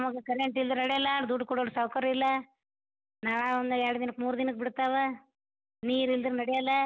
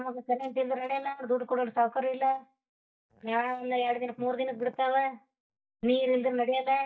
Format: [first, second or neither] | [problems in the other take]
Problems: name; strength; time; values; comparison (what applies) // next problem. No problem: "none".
first | noise reduction (neural mask model DeepFilterNet 3)